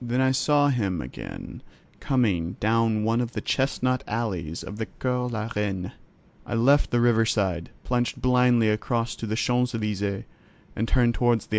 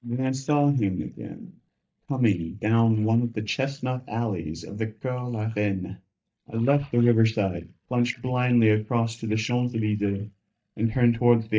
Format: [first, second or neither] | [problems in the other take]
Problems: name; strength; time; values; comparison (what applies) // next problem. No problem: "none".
first | noise reduction (neural mask model DeepFilterNet 3)